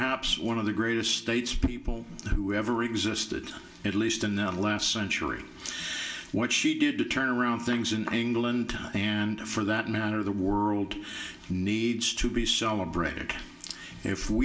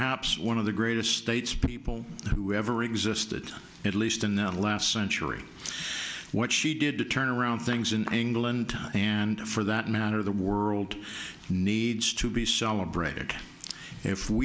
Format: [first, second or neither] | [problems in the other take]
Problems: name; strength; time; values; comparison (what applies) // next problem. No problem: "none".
second | room echo; dies away in 0.2 s